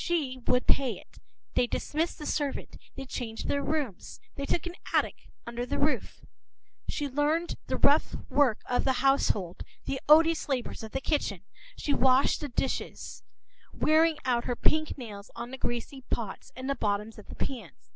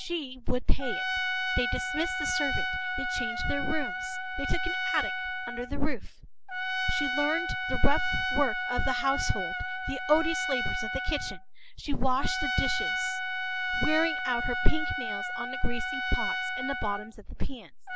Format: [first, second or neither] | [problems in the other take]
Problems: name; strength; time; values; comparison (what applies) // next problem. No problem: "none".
first | background sound (Trumpet); 5 dB below the speech